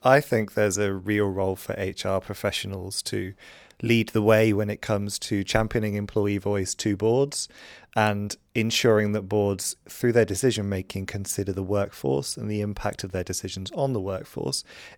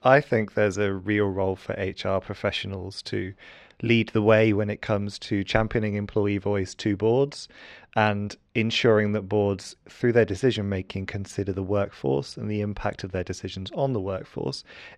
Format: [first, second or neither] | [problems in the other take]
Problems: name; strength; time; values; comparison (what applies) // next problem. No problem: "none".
first | muffled; very slightly; fading above 3 kHz